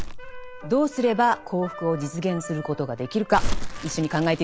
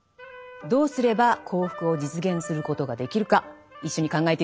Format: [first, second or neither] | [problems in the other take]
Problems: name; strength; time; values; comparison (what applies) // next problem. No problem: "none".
second | background sound (Crumpling, crinkling); 6 dB below the speech